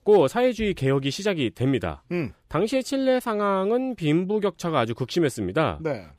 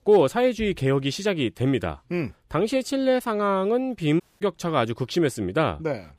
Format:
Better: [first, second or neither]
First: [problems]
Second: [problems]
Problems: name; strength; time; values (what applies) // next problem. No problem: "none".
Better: first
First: none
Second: audio cutting out; at 4 s